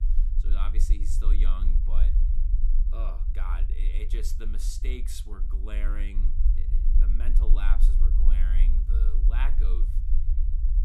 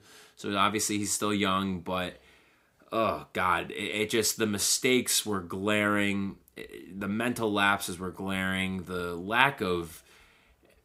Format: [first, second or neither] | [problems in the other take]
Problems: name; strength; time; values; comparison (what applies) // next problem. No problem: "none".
second | low rumble; loud; throughout; 7 dB below the speech